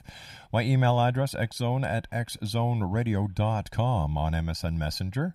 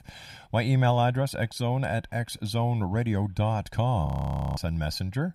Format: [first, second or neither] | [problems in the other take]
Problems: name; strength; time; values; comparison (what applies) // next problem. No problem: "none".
first | audio freezing; at 4 s for 0.5 s